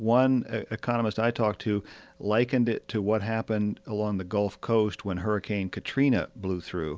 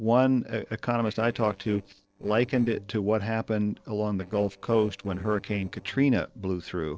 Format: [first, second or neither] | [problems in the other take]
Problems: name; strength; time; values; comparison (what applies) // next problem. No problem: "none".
first | noise reduction (neural separator model SepFormer DNS4)